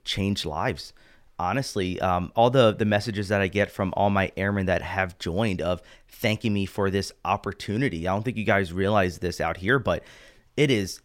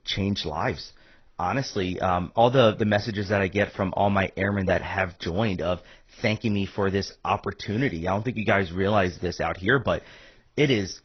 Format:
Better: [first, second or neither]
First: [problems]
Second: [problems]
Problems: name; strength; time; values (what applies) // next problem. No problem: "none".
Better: first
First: none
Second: garbled, watery; badly; nothing above 6 kHz